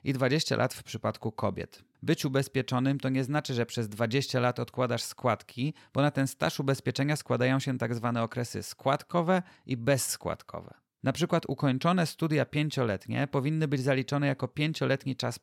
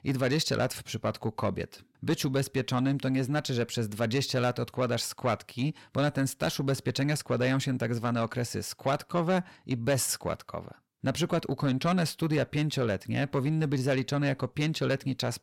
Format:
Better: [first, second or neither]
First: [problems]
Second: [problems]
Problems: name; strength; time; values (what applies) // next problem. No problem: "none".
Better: first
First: none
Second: distortion; slight; 10 dB below the speech